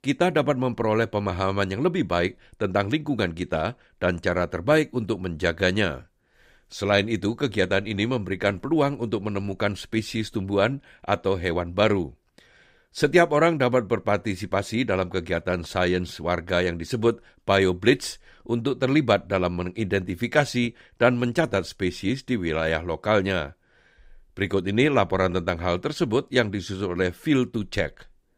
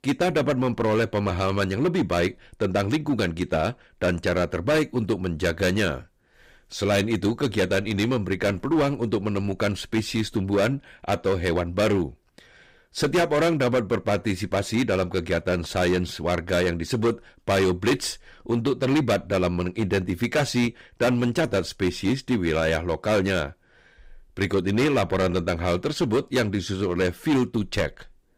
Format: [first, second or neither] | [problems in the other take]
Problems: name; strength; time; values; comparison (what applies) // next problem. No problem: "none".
first | distortion; heavy; 10% of the sound clipped